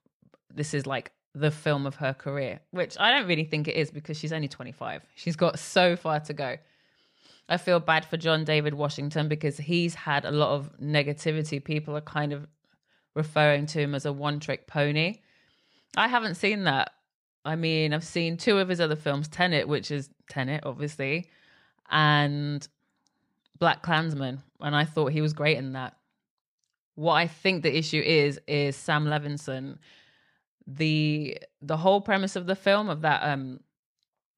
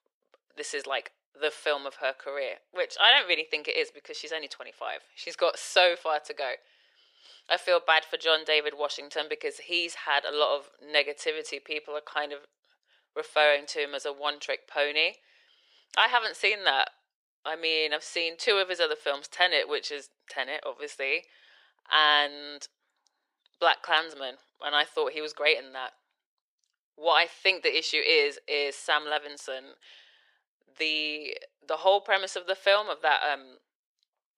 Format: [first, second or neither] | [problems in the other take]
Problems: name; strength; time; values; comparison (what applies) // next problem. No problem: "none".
first | thin; very; fading below 400 Hz